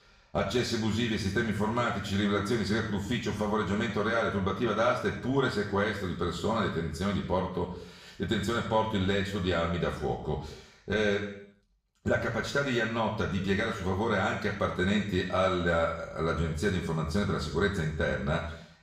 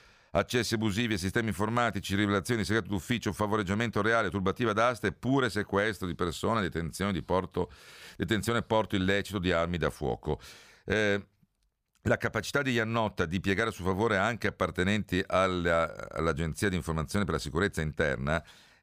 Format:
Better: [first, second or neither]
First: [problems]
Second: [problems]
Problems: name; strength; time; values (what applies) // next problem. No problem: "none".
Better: second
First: room echo; noticeable; dies away in 0.7 s // off-mic speech; far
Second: none